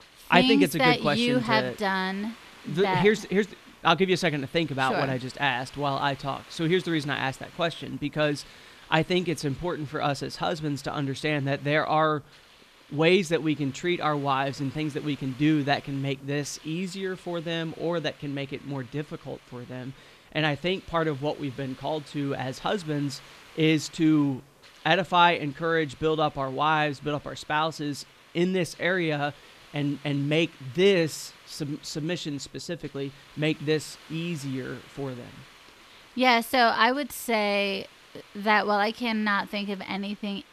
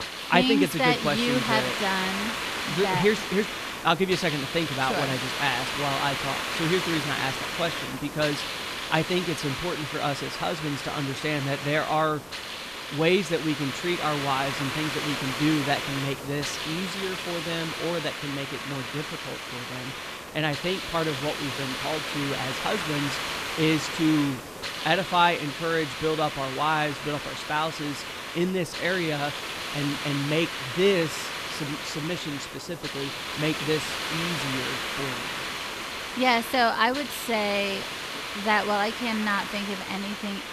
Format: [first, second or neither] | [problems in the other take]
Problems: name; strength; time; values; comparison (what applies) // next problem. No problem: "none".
first | hiss; loud; throughout; 4 dB below the speech; faint in the first